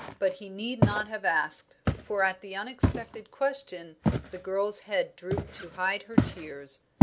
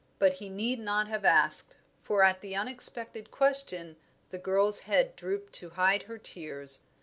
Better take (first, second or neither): second